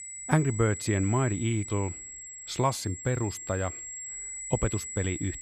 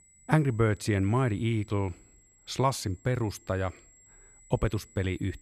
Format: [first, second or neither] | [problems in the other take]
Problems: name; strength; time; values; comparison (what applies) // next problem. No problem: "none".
second | high-pitched whine; loud; throughout; 7.5 kHz, 8 dB below the speech; faint in the second